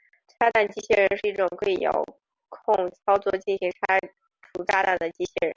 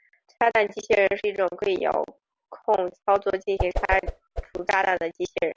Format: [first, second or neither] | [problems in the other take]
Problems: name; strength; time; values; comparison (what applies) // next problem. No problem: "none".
first | background sound (Whoosh, swoosh, swish); 6 dB below the speech